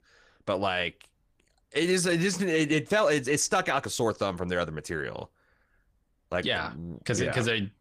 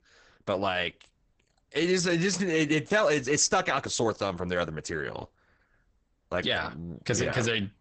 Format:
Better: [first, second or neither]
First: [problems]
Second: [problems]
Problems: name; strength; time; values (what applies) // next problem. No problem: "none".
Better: first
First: garbled, watery; slightly; nothing above 15 kHz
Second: garbled, watery; badly; nothing above 8 kHz